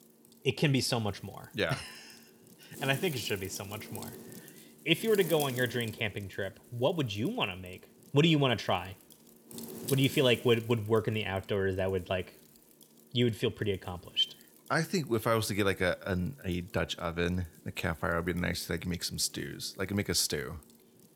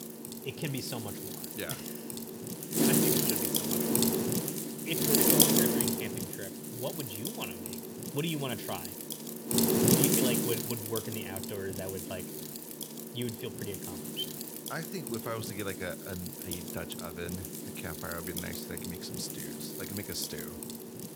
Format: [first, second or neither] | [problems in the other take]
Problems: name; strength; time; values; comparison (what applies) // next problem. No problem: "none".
first | wind noise on the microphone; heavy; 5 dB above the speech; occasional gusts in the first